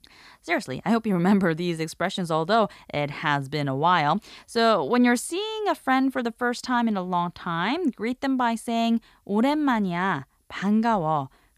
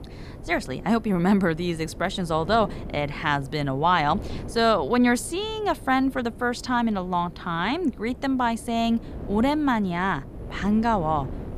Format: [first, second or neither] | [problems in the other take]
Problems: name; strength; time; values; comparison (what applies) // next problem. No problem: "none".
first | wind noise on the microphone; occasional gusts; 20 dB below the speech